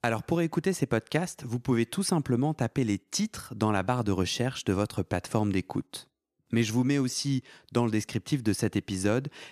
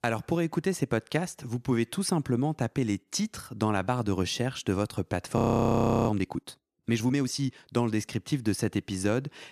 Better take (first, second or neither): first